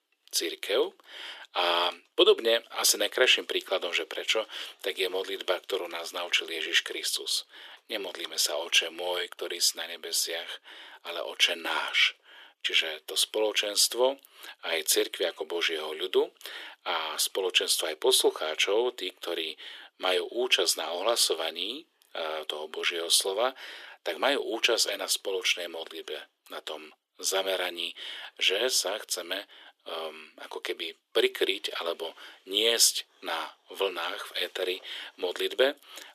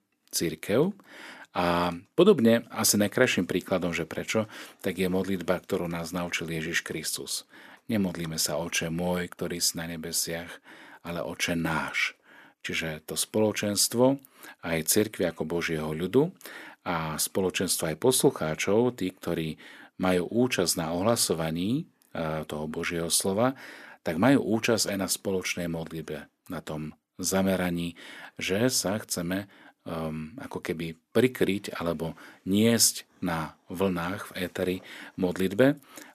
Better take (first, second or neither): second